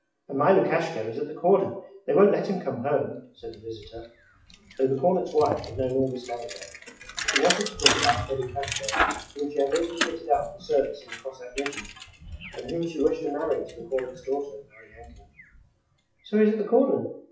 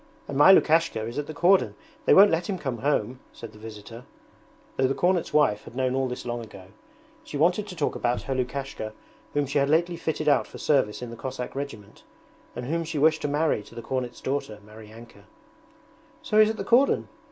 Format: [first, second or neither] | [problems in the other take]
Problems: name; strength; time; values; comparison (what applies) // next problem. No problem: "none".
second | noise reduction (classical method WPE with log-MMSE)